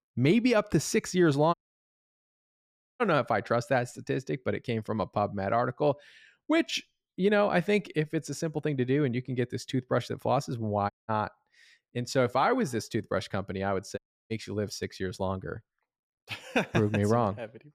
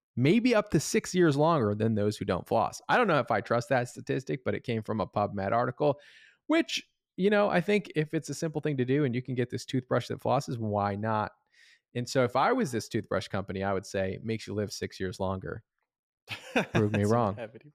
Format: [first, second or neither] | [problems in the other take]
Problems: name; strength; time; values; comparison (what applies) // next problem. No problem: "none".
second | audio cutting out; at 1.5 s for 1.5 s, at 11 s and at 14 s